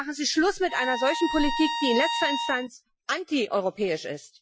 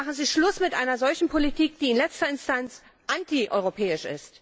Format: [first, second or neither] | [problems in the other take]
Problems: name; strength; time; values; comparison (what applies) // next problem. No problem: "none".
second | noise reduction (classical method Wiener filter)